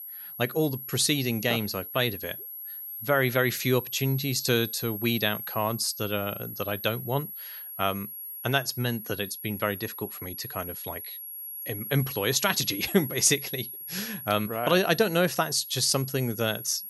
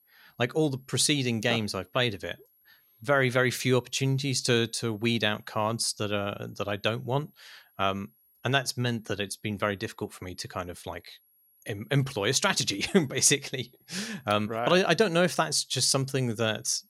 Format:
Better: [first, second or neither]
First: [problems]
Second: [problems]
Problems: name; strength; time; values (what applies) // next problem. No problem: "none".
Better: second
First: high-pitched whine; loud; throughout; 11.5 kHz, 9 dB below the speech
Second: high-pitched whine; faint; throughout; 11.5 kHz, 35 dB below the speech